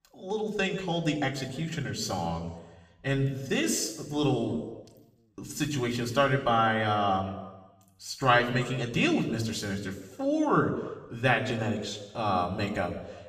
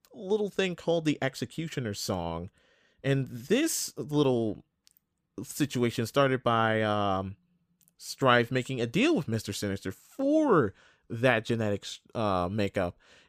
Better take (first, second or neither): second